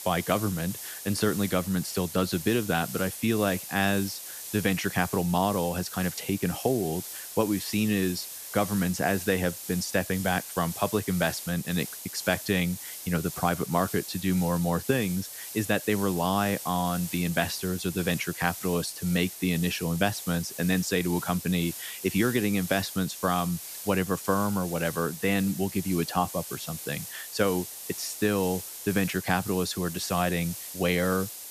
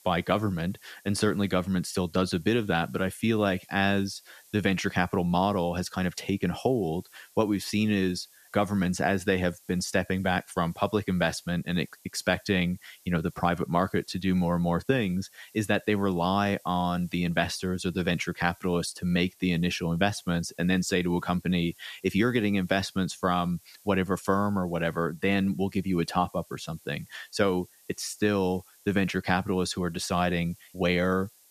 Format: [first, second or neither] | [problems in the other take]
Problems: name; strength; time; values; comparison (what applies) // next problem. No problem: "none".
second | hiss; loud; throughout; 9 dB below the speech; faint in the second